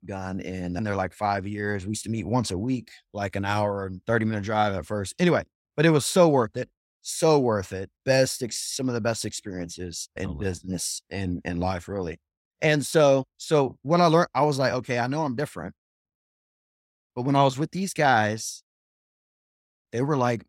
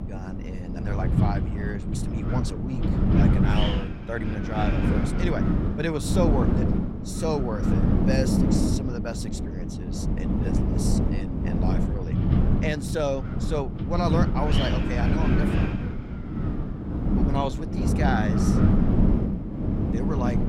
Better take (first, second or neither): first